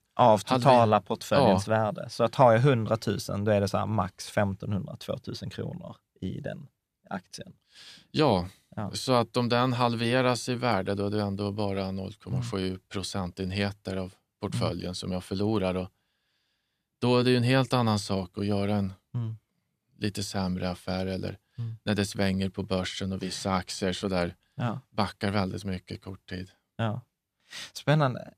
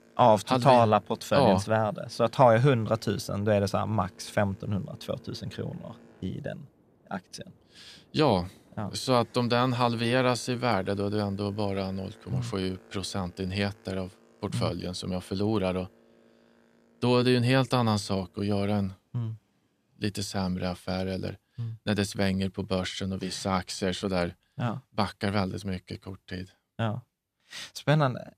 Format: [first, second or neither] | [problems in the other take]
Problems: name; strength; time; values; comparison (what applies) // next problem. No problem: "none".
first | train or aircraft noise; faint; throughout; 30 dB below the speech